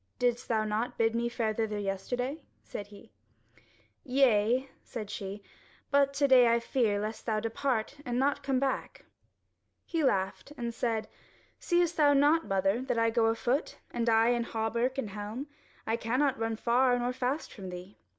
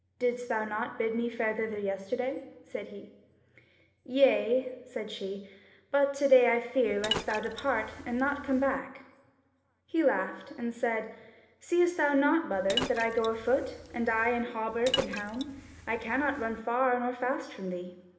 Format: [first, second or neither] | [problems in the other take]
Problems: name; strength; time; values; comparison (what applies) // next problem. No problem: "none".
first | background sound (Liquid); 9 dB below the speech // room echo; dies away in 1.1 s